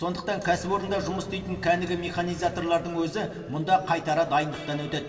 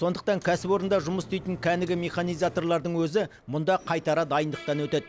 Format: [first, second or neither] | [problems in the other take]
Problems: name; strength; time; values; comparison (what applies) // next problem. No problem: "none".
second | room echo; dies away in 2.7 s